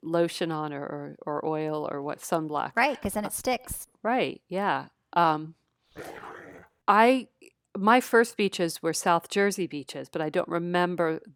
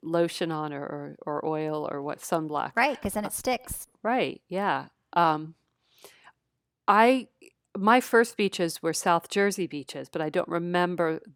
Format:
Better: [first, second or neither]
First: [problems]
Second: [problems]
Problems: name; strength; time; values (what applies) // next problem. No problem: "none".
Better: second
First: dog barking; faint; at 6 s; peak 15 dB below the speech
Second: none